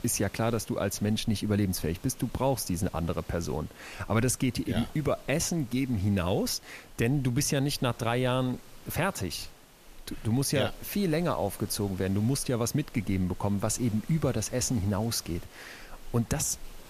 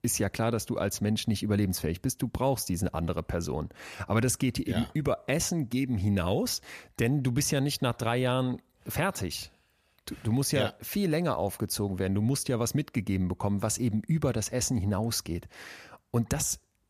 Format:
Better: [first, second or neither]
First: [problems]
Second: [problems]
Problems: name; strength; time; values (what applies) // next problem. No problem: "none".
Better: second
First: hiss; faint; throughout; 20 dB below the speech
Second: none